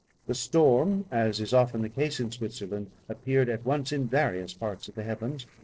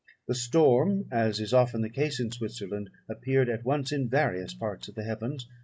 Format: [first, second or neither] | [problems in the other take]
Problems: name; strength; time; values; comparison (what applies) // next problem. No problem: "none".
second | noise reduction (neural separator model SepFormer DNS4)